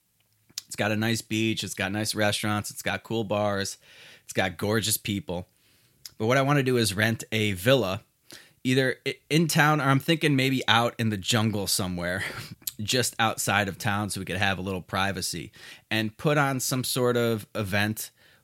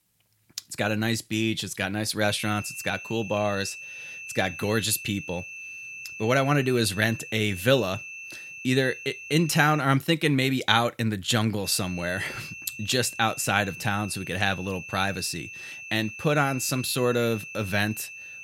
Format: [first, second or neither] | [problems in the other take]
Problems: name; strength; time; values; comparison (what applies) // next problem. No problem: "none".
first | high-pitched whine; noticeable; from 2.5 to 10 s and from 12 s on; 2.5 kHz, 10 dB below the speech